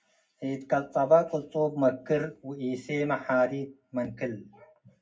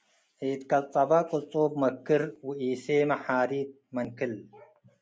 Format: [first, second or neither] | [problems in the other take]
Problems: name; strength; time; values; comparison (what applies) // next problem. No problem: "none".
second | room echo; dies away in 0.4 s